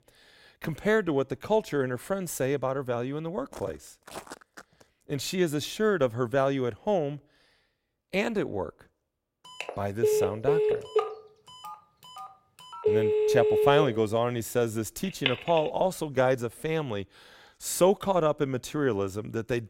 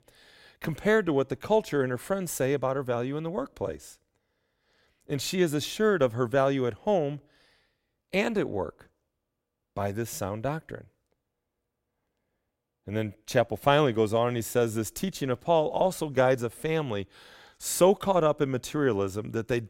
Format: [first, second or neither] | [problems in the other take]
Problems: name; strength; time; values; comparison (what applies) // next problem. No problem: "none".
second | footsteps; faint; from 3.5 to 5 s; peak 15 dB below the speech // phone ringing; loud; from 9.5 to 16 s; peak 5 dB above the speech